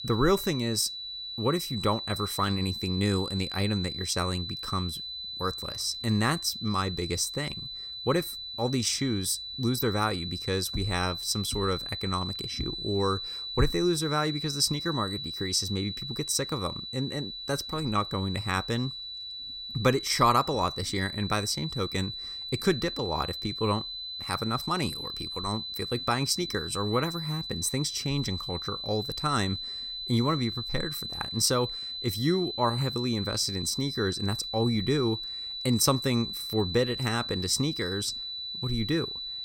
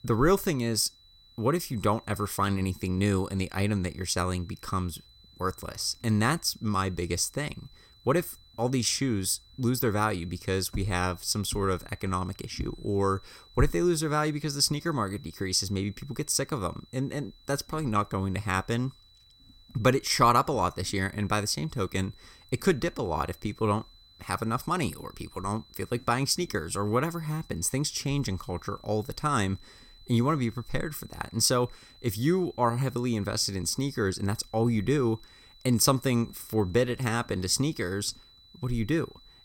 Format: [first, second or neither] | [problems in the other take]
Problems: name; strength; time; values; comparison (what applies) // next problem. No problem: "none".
second | high-pitched whine; loud; throughout; 4 kHz, 5 dB below the speech; faint in the second